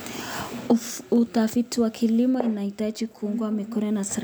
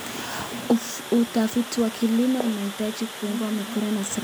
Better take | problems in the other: first | background sound (Water); 12 dB below the speech

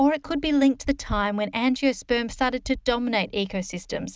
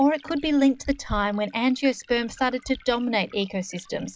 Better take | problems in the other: first | noise reduction (classical method log-MMSE)

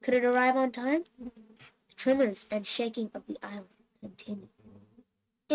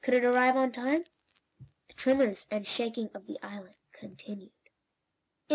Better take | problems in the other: second | noise reduction (neural mask model RNNoise)

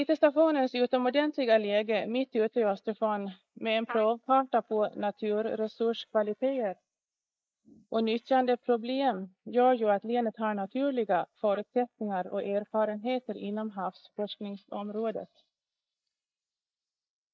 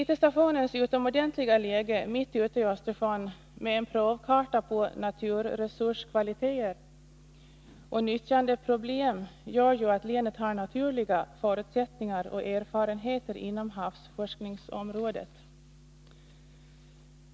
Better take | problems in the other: second | noise reduction (neural mask model Resemble Enhance denoiser)

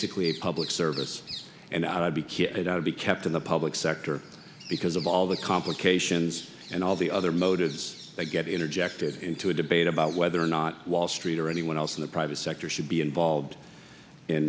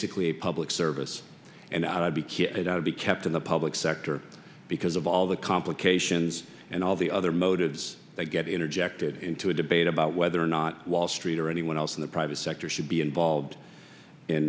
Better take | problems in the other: second | background sound (Bird vocalization, bird call, bird song); 18 dB below the speech

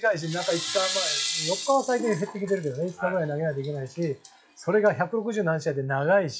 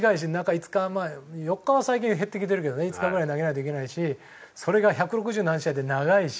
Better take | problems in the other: second | noise reduction (classical method log-MMSE)

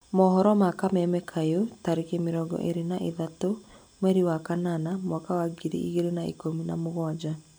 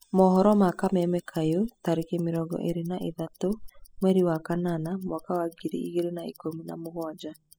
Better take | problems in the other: first | noise reduction (classical method spectral subtraction)

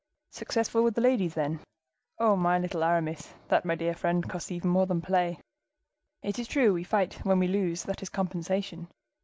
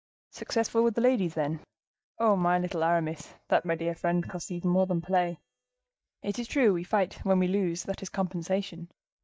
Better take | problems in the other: first | noise reduction (neural mask model DeepFilterNet 3)

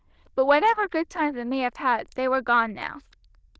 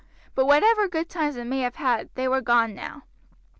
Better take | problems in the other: second | noise reduction (neural diffusion model UNIVERSE++)

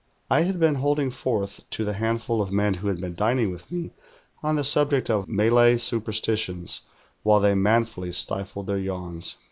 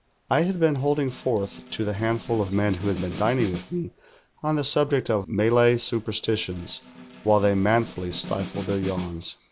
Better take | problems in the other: first | background sound (Snare drum); 14 dB below the speech

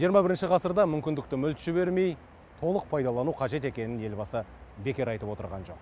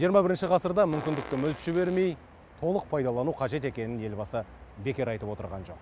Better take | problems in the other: first | background sound (Fart); 15 dB below the speech

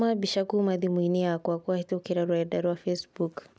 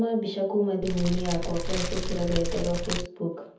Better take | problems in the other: first | background sound (Fire); 1 dB below the speech // room echo; dies away in 0.7 s

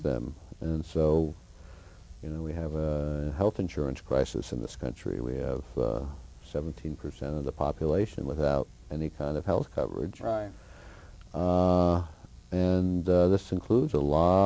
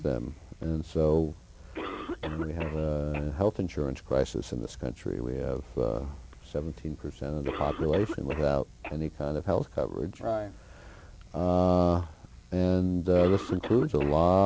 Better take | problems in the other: first | background sound (Cough); 15 dB below the speech

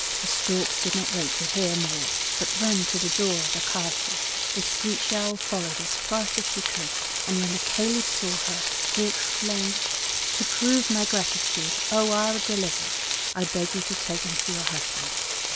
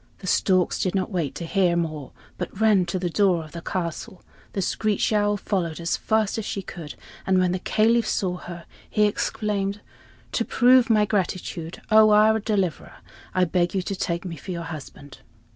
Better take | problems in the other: second | background sound (Frying (food)); 3 dB above the speech

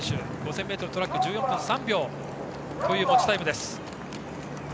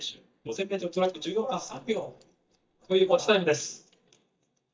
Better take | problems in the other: first | noise reduction (neural mask model DeepFilterNet 3)

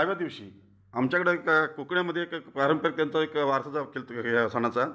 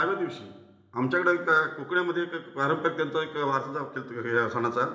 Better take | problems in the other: first | room echo; dies away in 0.8 s

